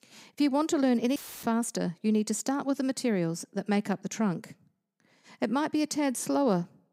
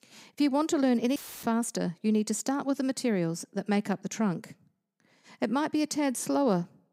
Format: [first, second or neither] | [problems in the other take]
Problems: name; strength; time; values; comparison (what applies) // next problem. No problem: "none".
neither | audio cutting out; filled with static; at 1 s; the same in both